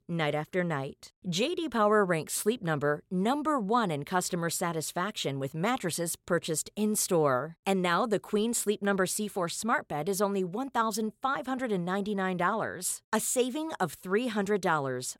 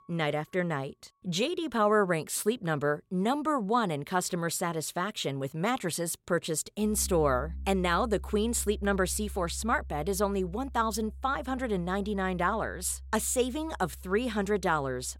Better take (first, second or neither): first